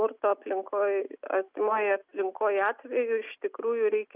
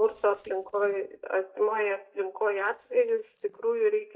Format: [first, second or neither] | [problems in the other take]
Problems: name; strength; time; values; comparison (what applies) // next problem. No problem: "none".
first | noise reduction (neural mask model DeepFilterNet 3)